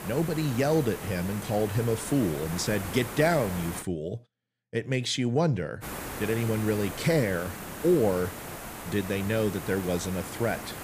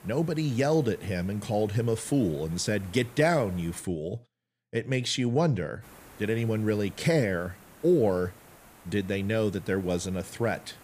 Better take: second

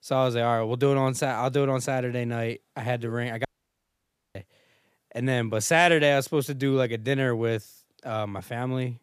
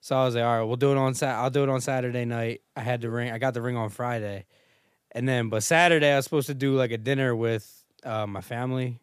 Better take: second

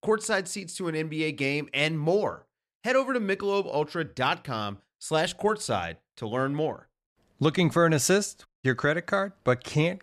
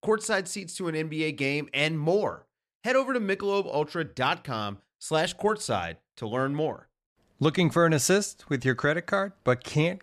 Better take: second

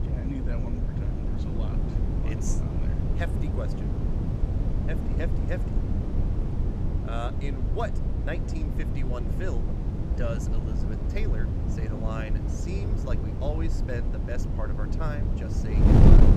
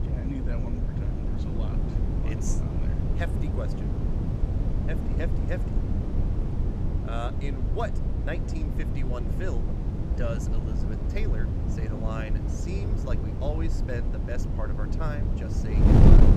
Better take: neither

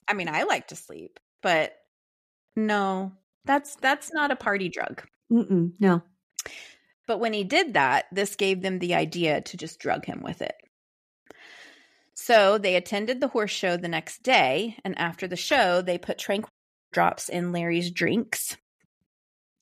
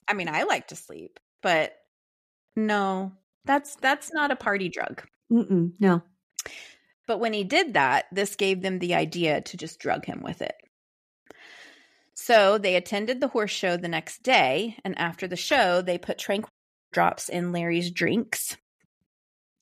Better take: neither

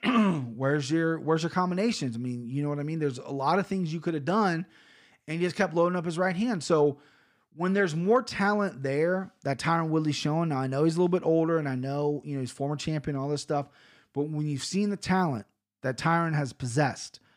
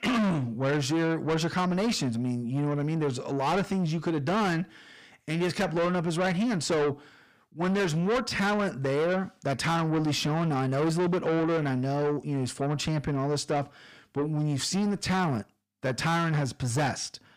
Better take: first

